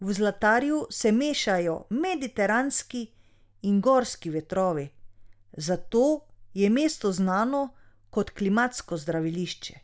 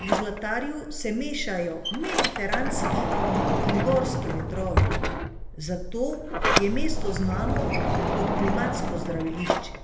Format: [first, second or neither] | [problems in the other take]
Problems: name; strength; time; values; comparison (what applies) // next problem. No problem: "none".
first | background sound (Sliding door); 4 dB above the speech // room echo; dies away in 0.8 s